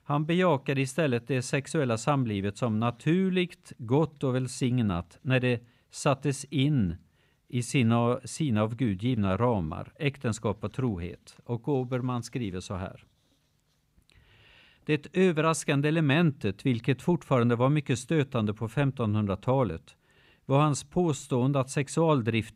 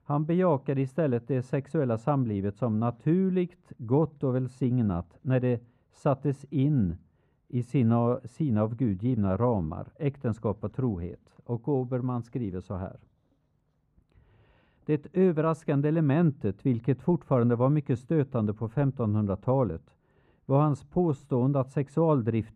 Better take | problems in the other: first | muffled; very; fading above 2 kHz

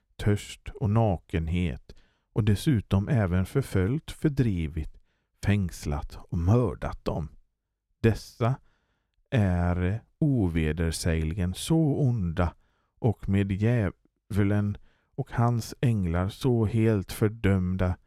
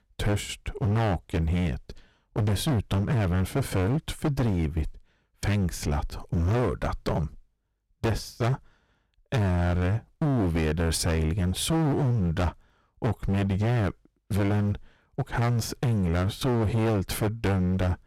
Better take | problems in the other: first | distortion; heavy; 23% of the sound clipped

